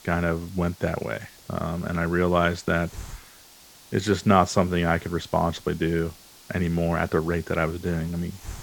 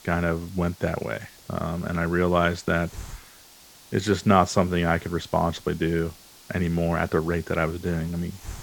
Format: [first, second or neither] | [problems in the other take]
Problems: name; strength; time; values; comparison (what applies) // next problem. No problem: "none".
neither | hiss; faint; throughout; 20 dB below the speech; the same in both